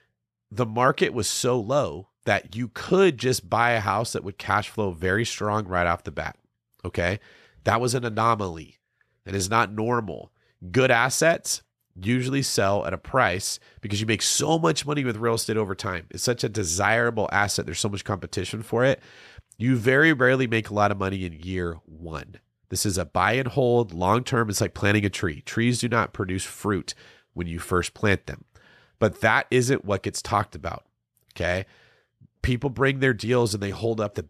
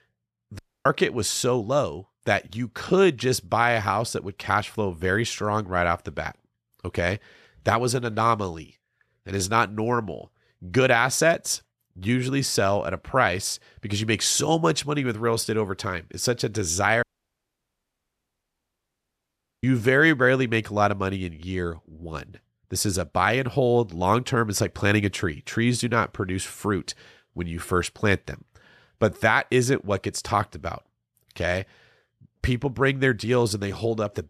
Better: first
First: none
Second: audio cutting out; at 0.5 s and at 17 s for 2.5 s

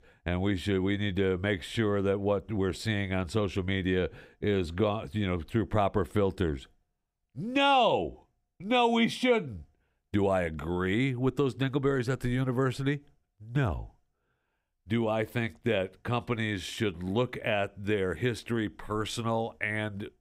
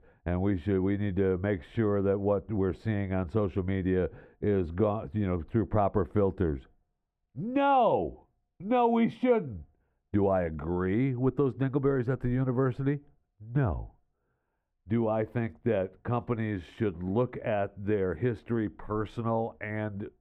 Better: first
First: none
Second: muffled; very; fading above 2.5 kHz

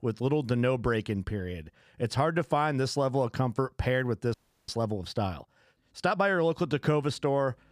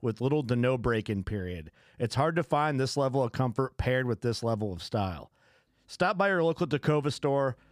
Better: second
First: audio freezing; at 4.5 s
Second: none

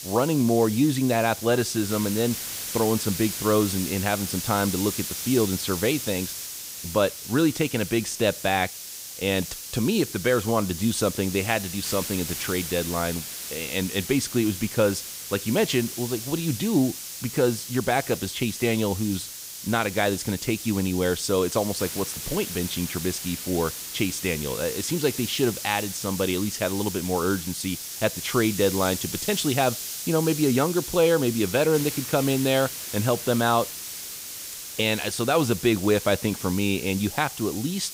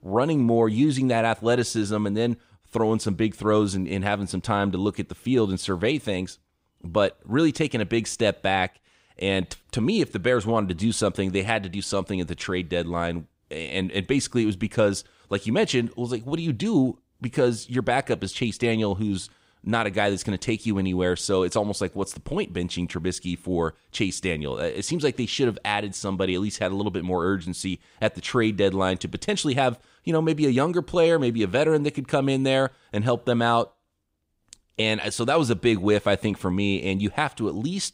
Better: second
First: hiss; loud; throughout; 7 dB below the speech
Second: none

